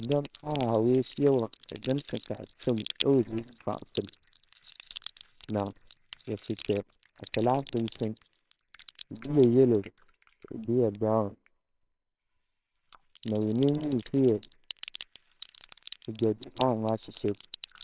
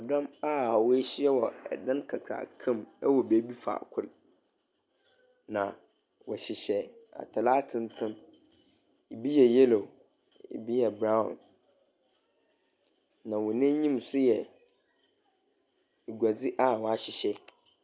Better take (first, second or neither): second